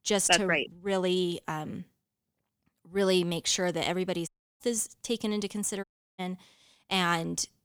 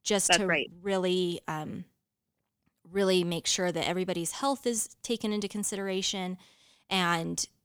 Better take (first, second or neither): second